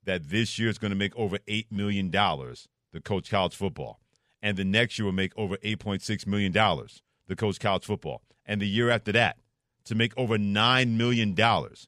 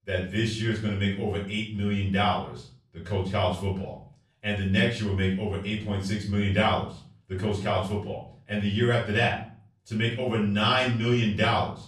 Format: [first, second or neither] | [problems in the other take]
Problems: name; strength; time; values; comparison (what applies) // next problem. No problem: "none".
first | off-mic speech; far // room echo; slight; dies away in 0.4 s